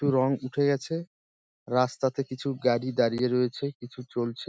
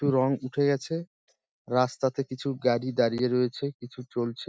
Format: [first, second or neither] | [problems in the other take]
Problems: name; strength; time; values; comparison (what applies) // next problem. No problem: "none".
first | noise reduction (neural mask model DeepFilterNet 3)